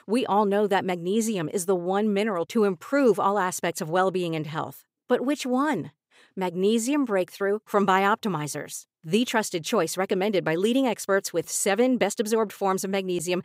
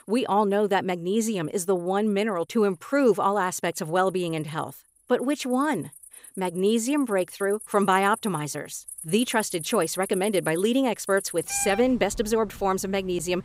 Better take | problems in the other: first | animal sounds; noticeable; throughout; 15 dB below the speech

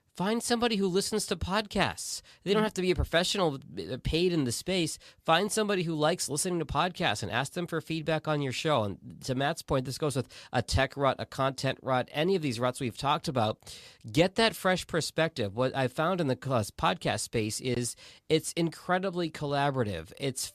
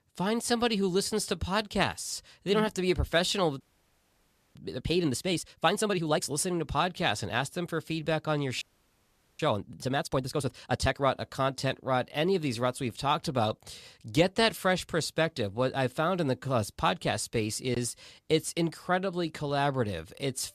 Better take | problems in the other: first | audio freezing; at 3.5 s for 1 s and at 8.5 s for 1 s

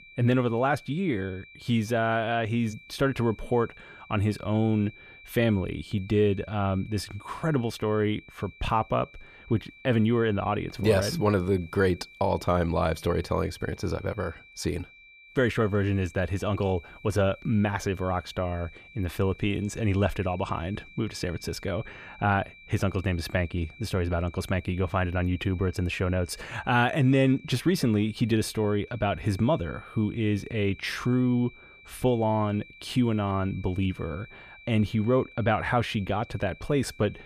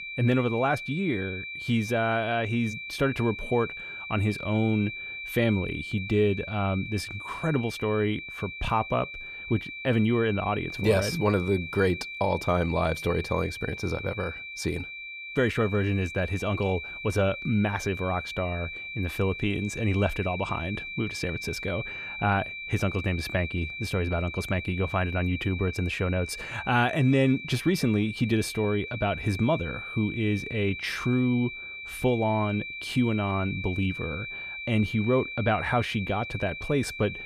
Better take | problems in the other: first | high-pitched whine; loud; throughout; 2.5 kHz, 8 dB below the speech; faint in the first

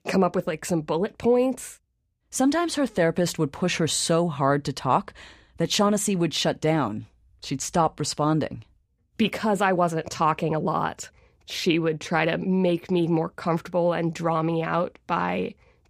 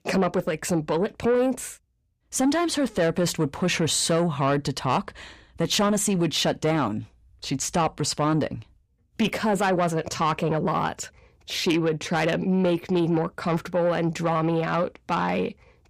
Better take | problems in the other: first | distortion; slight; 10 dB below the speech

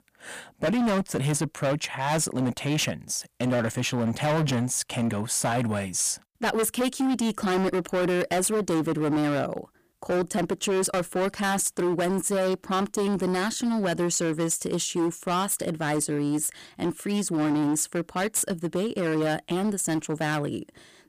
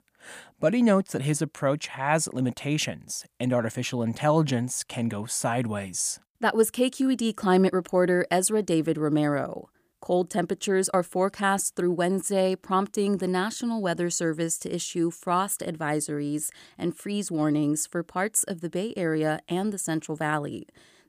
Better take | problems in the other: second | distortion; heavy; 20% of the sound clipped

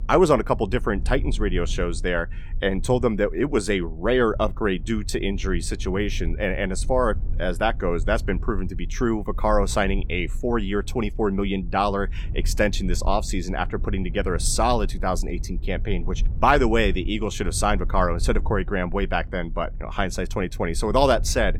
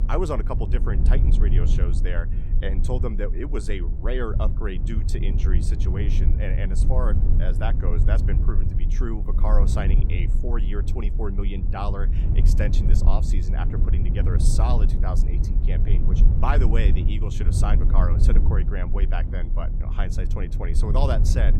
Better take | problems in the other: first | low rumble; loud; throughout; 6 dB below the speech; faint in the first

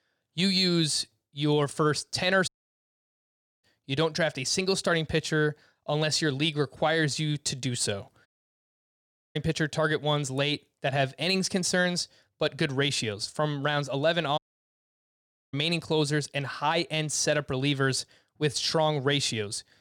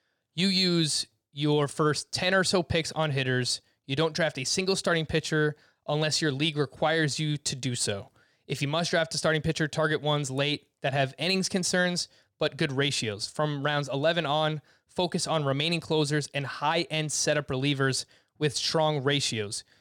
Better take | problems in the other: second | audio cutting out; at 2.5 s for 1 s, at 8.5 s for 1 s and at 14 s for 1 s

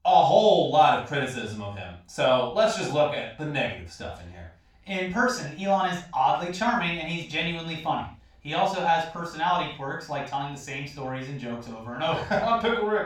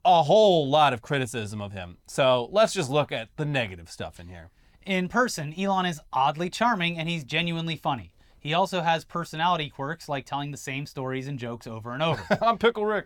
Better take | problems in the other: second | room echo; noticeable; dies away in 0.3 s // off-mic speech; far

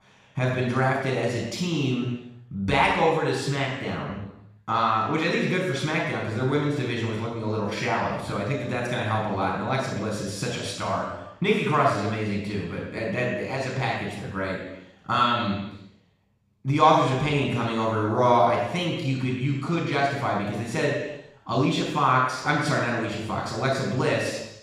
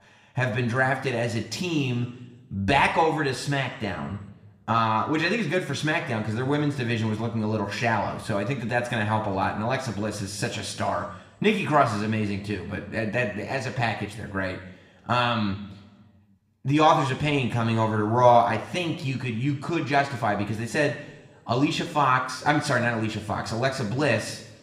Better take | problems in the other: second | room echo; strong; dies away in 0.9 s; slight in the second // off-mic speech; far; somewhat distant in the second

